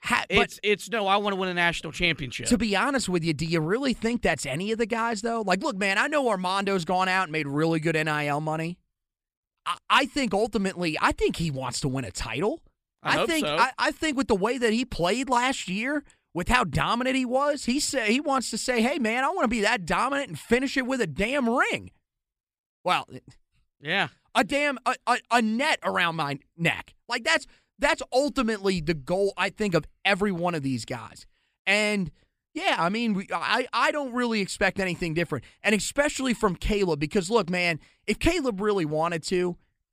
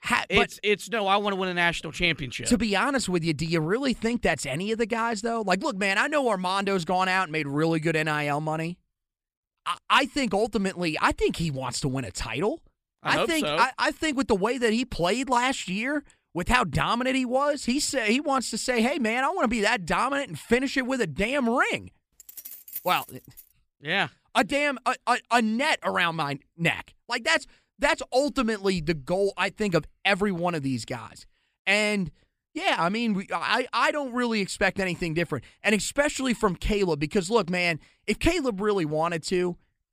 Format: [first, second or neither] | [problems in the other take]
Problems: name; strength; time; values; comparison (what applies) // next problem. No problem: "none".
first | jangling keys; faint; from 22 to 23 s; peak 10 dB below the speech